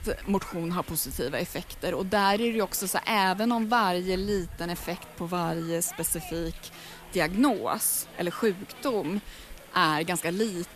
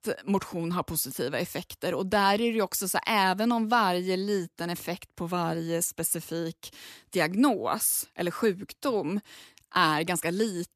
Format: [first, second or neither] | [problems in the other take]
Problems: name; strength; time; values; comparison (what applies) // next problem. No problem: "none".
second | hiss; noticeable; throughout; 20 dB below the speech